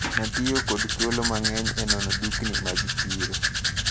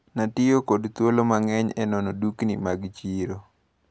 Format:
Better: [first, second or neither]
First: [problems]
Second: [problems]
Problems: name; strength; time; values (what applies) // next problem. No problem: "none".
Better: second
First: background sound (Domestic sounds, home sounds); 4 dB above the speech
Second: none